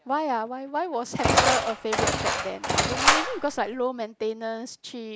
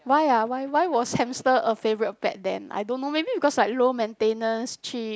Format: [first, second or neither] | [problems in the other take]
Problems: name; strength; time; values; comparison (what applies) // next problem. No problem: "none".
second | background sound (Engine); 5 dB above the speech